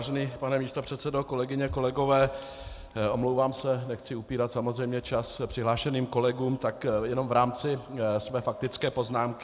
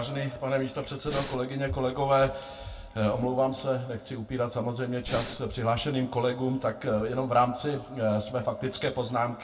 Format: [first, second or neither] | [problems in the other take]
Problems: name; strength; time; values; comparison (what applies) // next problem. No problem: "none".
first | background sound (Breathing); 8 dB below the speech // room echo; dies away in 0.2 s